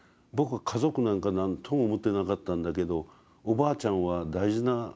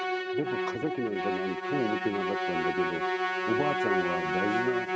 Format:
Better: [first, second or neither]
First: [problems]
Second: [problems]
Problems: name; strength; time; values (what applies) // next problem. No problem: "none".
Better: first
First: none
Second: noise reduction (neural mask model RNNoise)